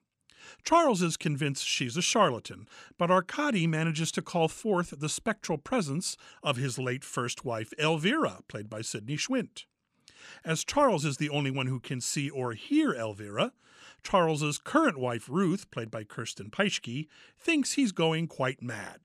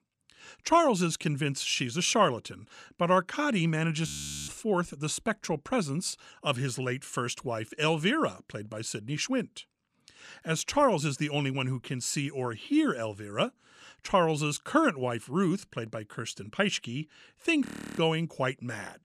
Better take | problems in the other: first | audio freezing; at 4 s and at 18 s

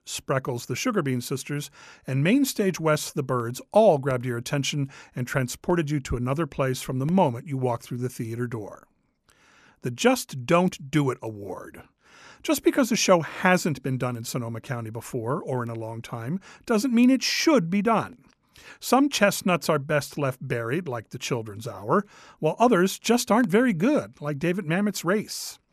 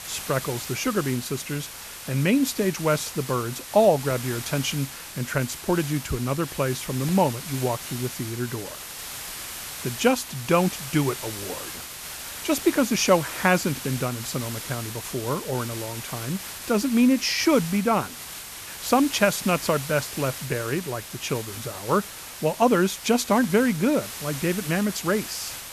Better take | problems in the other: first | hiss; loud; throughout; 9 dB below the speech

